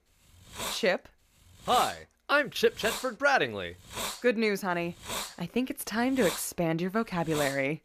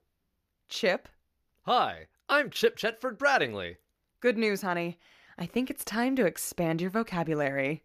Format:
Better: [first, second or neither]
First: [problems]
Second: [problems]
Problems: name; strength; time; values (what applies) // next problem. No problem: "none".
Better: second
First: hiss; loud; throughout; 8 dB below the speech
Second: none